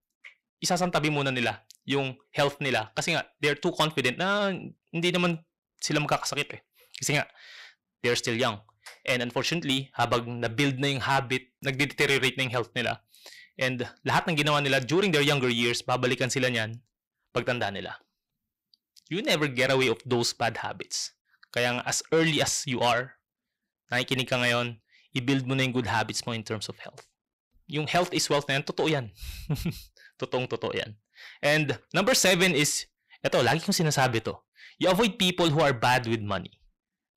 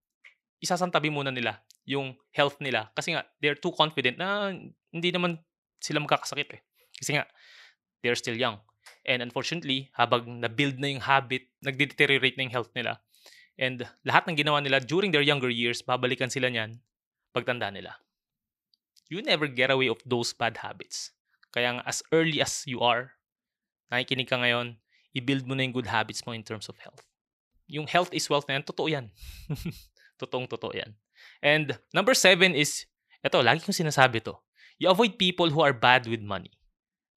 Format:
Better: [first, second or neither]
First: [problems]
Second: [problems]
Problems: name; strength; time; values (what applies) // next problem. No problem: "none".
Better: second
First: distortion; heavy; 7 dB below the speech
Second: none